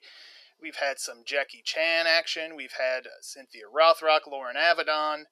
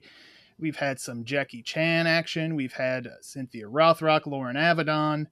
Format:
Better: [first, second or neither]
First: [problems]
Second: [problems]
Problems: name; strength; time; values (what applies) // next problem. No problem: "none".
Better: second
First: thin; very; fading below 500 Hz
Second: none